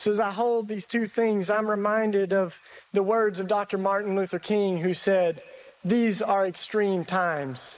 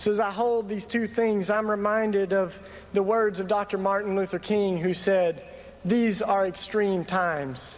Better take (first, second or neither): second